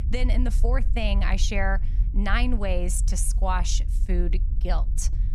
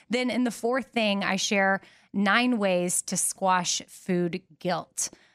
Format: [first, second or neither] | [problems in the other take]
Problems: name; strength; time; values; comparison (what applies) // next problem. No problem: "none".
second | low rumble; noticeable; throughout; 15 dB below the speech